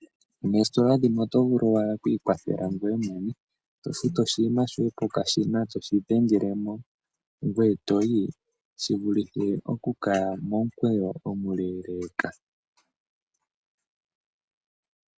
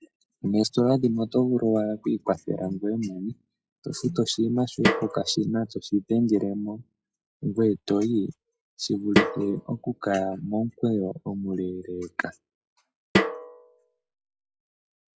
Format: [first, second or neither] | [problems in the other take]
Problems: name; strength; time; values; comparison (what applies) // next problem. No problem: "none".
first | noise reduction (classical method log-MMSE)